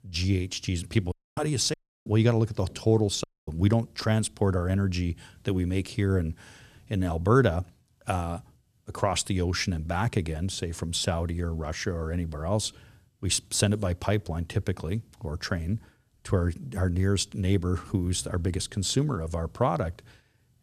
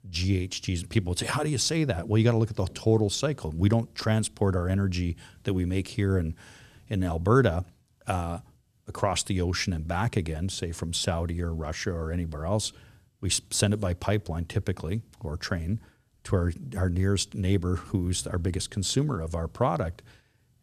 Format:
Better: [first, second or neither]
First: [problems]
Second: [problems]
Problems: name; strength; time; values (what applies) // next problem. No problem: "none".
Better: second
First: audio cutting out; at 1 s, at 1.5 s and at 3 s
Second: none